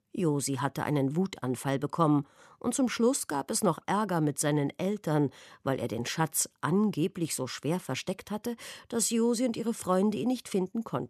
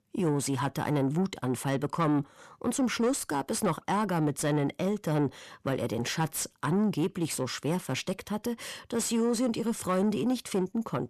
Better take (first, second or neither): first